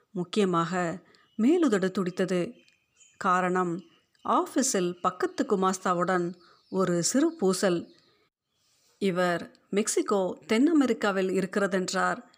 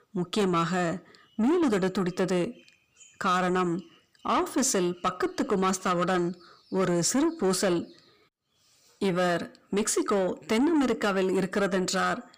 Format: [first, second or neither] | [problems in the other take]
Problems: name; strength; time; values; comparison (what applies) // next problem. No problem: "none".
first | distortion; slight; 10 dB below the speech